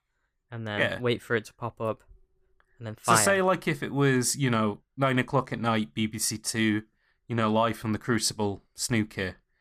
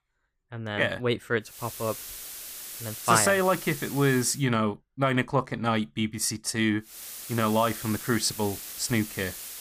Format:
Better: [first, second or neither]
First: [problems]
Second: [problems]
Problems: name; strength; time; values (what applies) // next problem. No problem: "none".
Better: first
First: none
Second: hiss; noticeable; from 1.5 to 4.5 s and from 7 s on; 10 dB below the speech